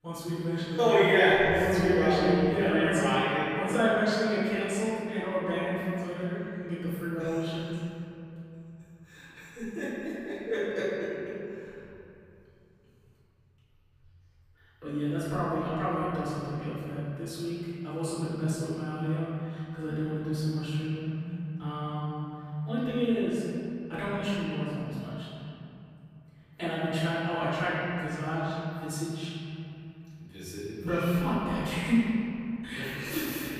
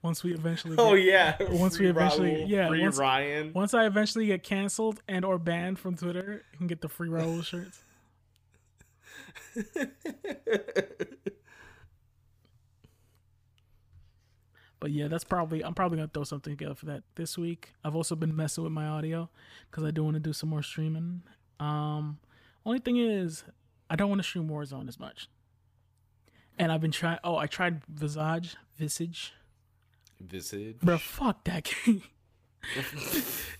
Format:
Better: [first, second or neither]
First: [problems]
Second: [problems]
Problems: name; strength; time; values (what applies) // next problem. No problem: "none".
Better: second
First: off-mic speech; far // room echo; strong; dies away in 2.7 s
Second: none